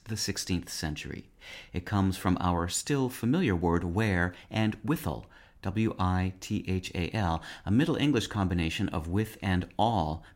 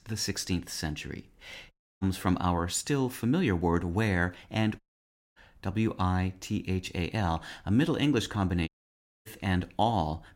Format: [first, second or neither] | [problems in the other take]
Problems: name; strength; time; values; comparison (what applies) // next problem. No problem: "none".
first | audio cutting out; at 1.5 s, at 5 s for 0.5 s and at 8.5 s for 0.5 s